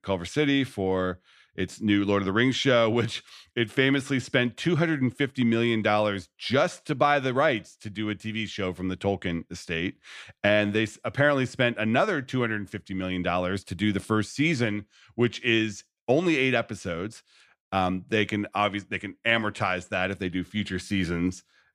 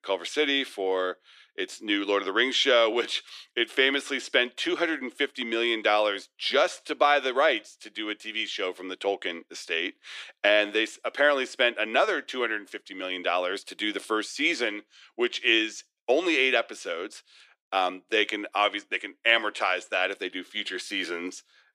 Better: first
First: none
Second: thin; somewhat; fading below 350 Hz

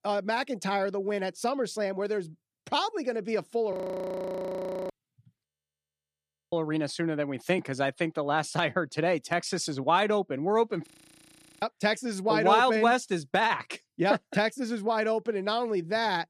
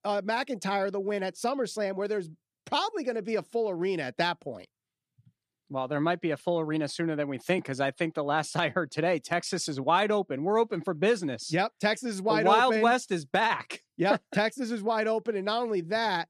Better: second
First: audio freezing; at 3.5 s for 1 s, at 5.5 s for 1 s and at 11 s for 1 s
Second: none

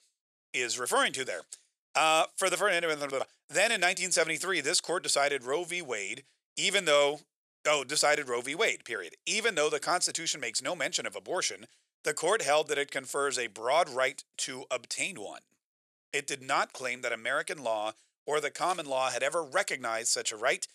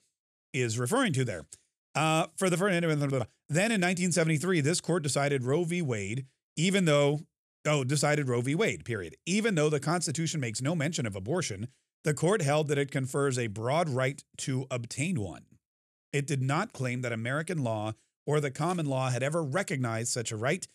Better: second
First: thin; very; fading below 650 Hz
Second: none

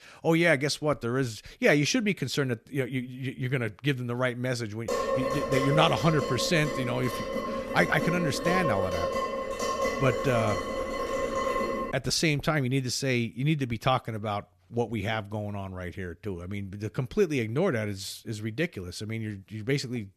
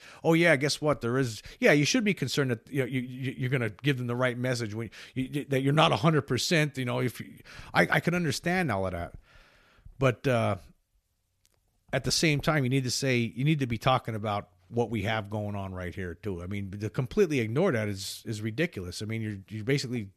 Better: second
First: clattering dishes; loud; from 5 to 12 s; peak level with the speech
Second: none

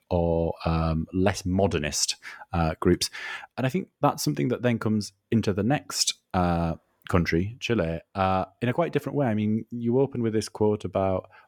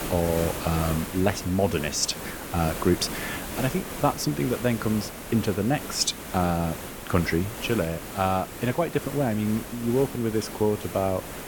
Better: first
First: none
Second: hiss; loud; throughout; 8 dB below the speech

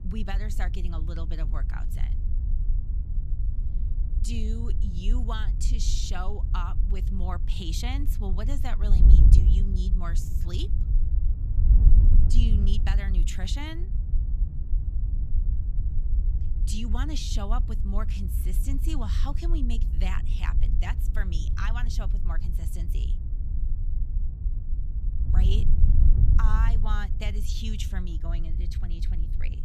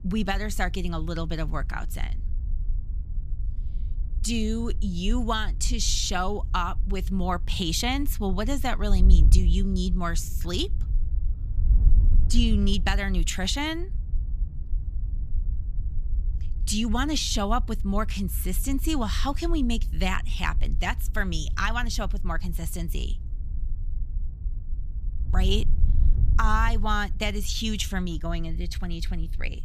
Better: second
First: wind noise on the microphone; heavy; 7 dB below the speech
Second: wind noise on the microphone; occasional gusts; 20 dB below the speech

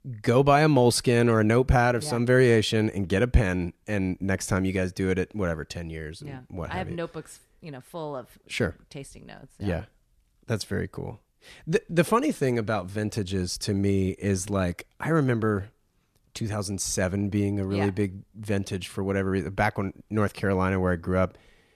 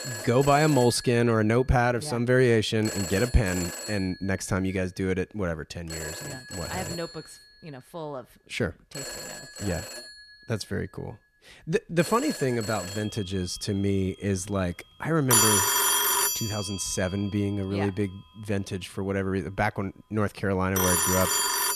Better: first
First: none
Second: alarms or sirens; very loud; throughout; as loud as the speech

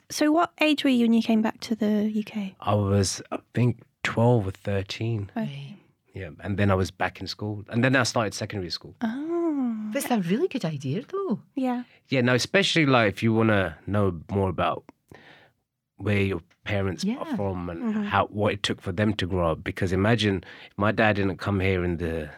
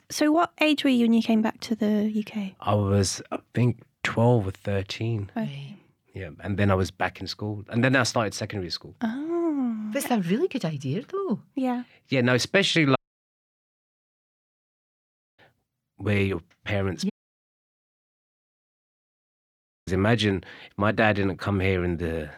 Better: first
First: none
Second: audio cutting out; at 13 s for 2.5 s and at 17 s for 3 s

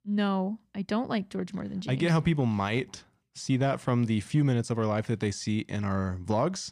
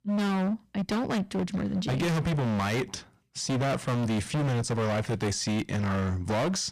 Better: first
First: none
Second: distortion; heavy; 35% of the sound clipped

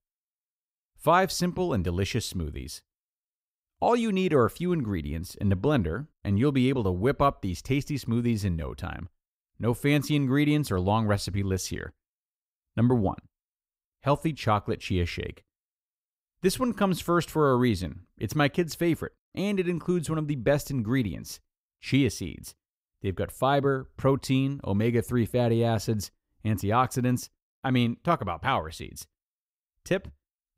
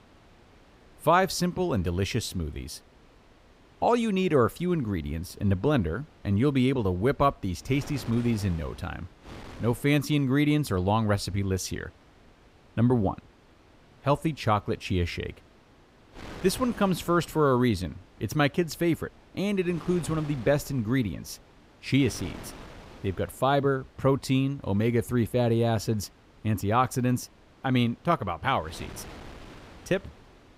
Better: first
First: none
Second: wind noise on the microphone; occasional gusts; 20 dB below the speech

